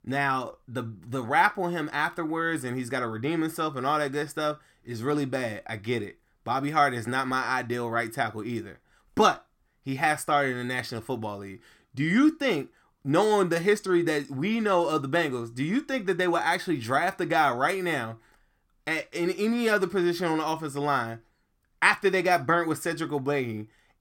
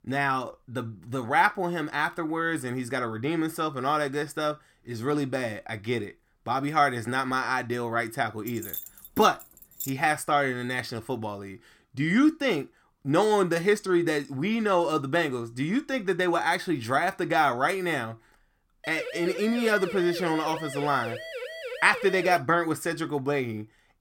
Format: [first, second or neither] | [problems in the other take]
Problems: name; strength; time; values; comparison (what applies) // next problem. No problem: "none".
first | jangling keys; noticeable; from 8.5 to 10 s; peak 9 dB below the speech // siren; noticeable; from 19 to 22 s; peak 9 dB below the speech